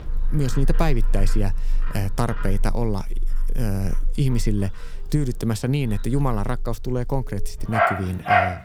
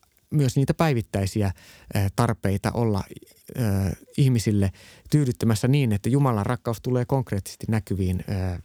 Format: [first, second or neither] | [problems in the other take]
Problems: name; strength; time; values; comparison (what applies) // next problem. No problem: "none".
second | animal sounds; loud; throughout; 2 dB below the speech